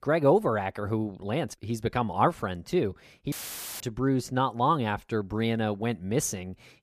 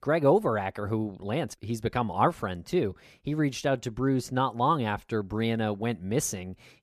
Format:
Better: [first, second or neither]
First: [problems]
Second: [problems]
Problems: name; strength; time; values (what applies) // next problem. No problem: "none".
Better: second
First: audio cutting out; filled with static; at 3.5 s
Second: none